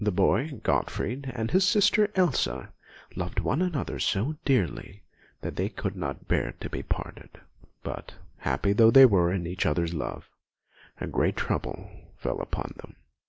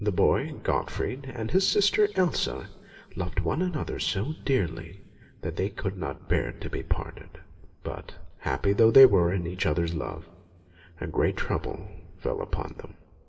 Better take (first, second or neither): first